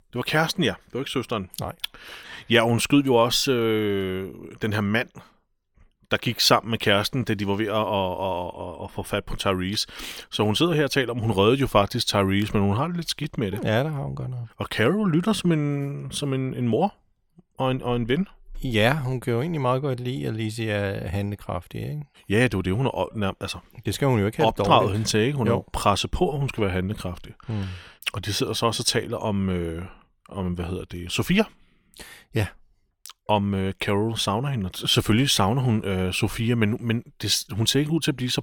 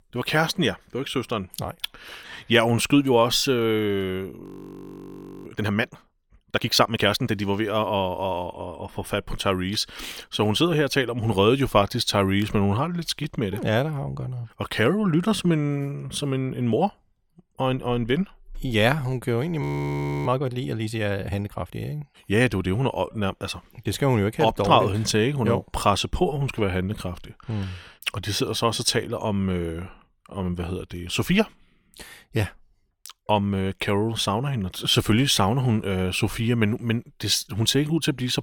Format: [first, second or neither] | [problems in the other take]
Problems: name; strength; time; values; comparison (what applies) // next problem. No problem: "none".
first | audio freezing; at 4.5 s for 1 s and at 20 s for 0.5 s